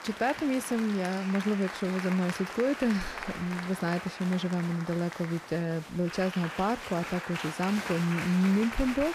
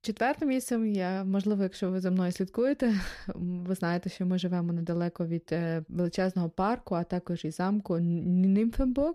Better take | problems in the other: second | crowd noise; loud; throughout; 8 dB below the speech

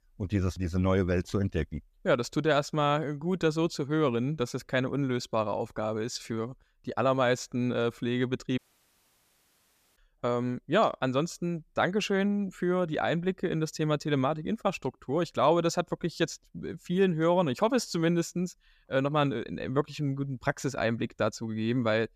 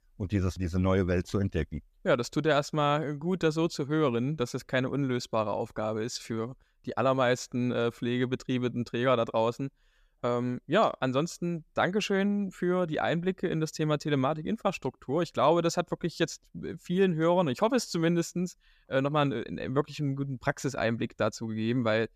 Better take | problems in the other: second | audio cutting out; at 8.5 s for 1.5 s

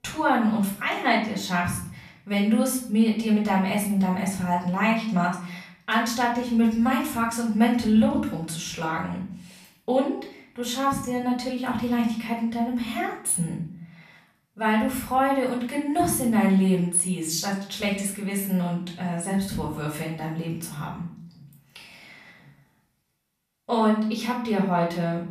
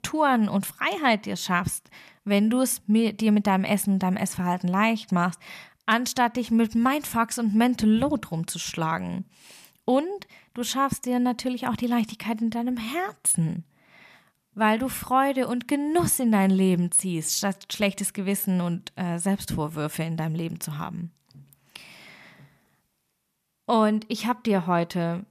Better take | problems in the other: second | off-mic speech; far // room echo; slight; dies away in 0.5 s

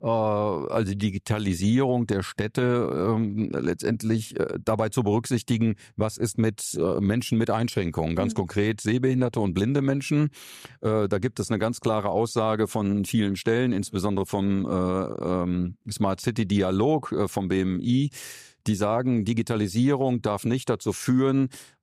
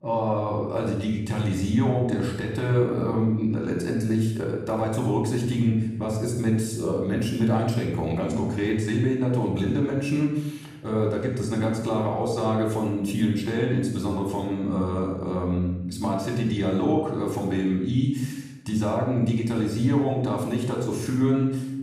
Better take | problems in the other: first | off-mic speech; far // room echo; noticeable; dies away in 0.8 s

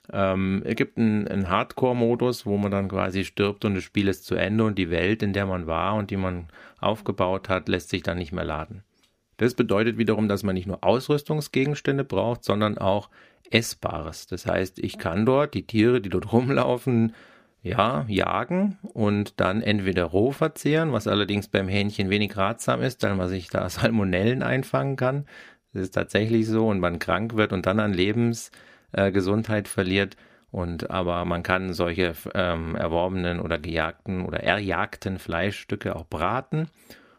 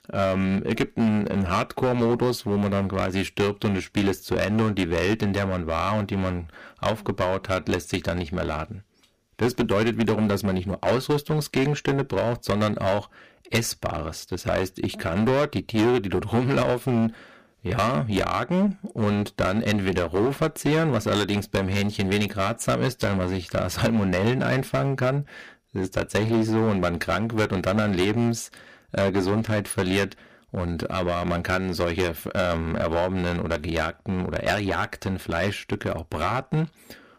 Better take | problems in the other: first | distortion; heavy; 9% of the sound clipped

